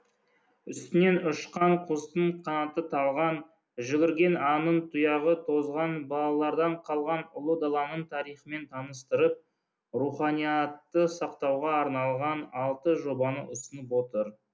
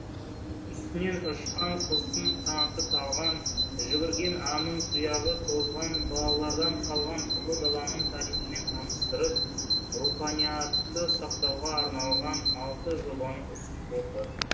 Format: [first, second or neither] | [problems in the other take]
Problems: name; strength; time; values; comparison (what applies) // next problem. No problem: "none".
first | background sound (Bird vocalization, bird call, bird song); 3 dB above the speech // room echo; dies away in 0.7 s